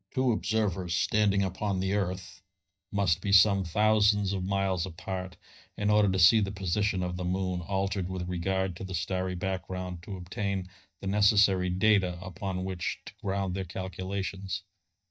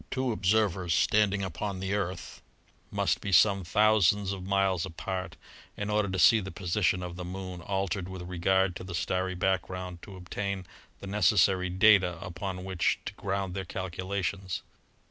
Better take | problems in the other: second | noise reduction (neural mask model DeepFilterNet 3)

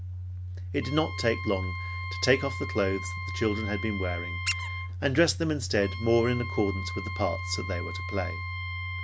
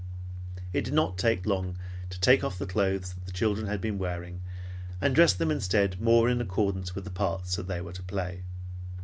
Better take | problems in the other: second | background sound (Squeak + Wind instrument, woodwind instrument); 10 dB below the speech

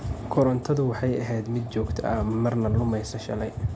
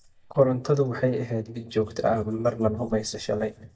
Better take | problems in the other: first | noise reduction (neural mask model DeepFilterNet 3)

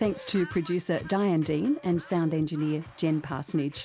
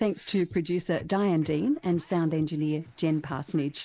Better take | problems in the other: first | noise reduction (neural mask model Resemble Enhance denoiser)

